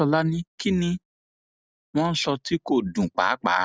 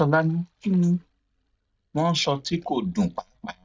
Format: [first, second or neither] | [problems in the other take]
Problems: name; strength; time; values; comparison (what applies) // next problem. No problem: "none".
first | noise reduction (neural mask model DeepFilterNet 3)